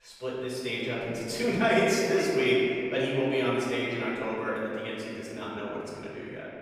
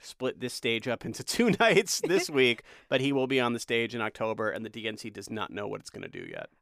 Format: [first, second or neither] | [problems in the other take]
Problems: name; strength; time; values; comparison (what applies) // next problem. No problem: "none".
second | off-mic speech; far // room echo; strong; dies away in 2.5 s